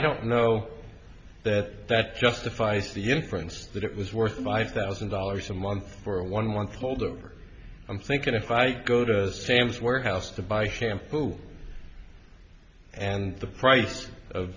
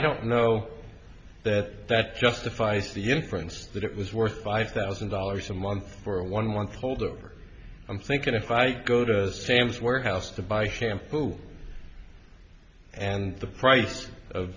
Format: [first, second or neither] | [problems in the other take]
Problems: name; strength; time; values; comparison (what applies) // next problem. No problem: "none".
second | background sound (Bowed string instrument); 12 dB below the speech